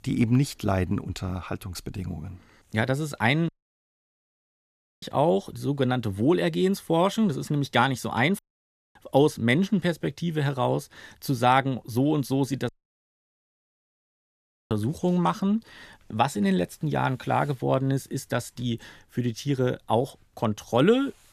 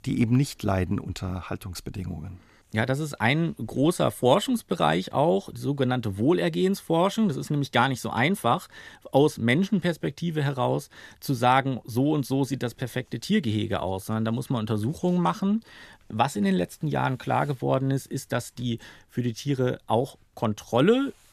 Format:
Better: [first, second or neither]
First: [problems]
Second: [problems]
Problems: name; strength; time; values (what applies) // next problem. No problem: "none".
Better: second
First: audio cutting out; at 3.5 s for 1.5 s, at 8.5 s for 0.5 s and at 13 s for 2 s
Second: none